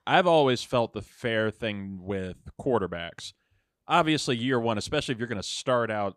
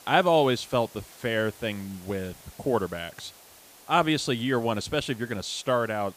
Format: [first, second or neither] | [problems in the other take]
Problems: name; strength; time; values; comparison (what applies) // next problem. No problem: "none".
first | hiss; faint; throughout; 20 dB below the speech